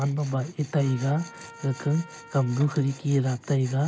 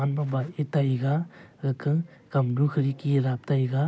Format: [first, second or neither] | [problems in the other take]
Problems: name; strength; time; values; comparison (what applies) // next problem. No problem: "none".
second | background sound (Trumpet + Tools); 20 dB below the speech